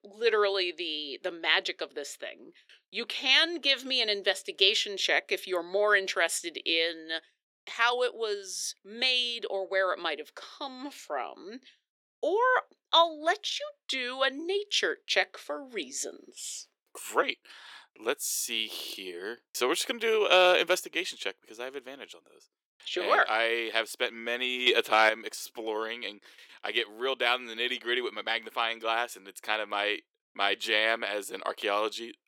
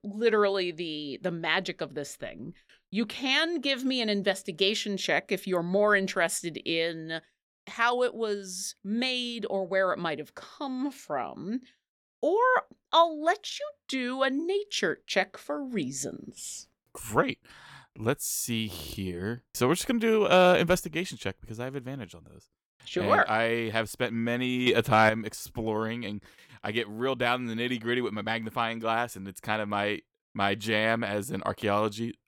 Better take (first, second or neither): second